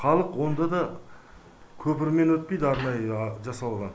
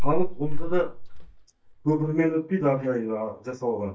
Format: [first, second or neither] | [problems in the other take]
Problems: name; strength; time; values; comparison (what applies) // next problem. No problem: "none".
first | noise reduction (neural mask model DeepFilterNet 3)